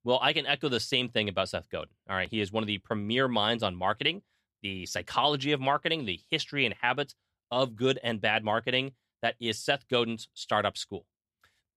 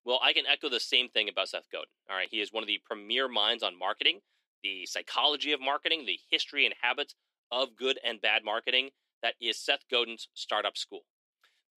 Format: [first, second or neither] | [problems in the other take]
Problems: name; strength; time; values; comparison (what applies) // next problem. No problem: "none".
first | thin; somewhat; fading below 300 Hz